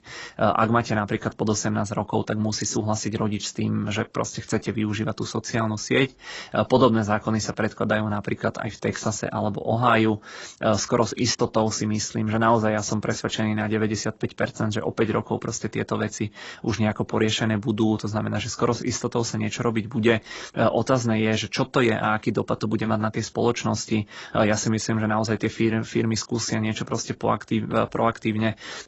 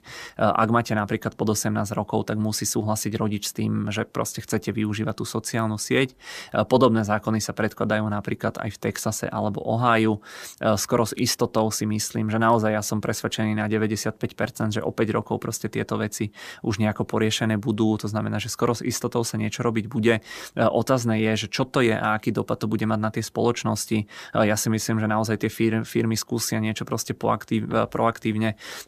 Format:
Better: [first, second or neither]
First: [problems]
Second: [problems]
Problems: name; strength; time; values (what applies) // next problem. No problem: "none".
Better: second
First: garbled, watery; badly; nothing above 7.5 kHz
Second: none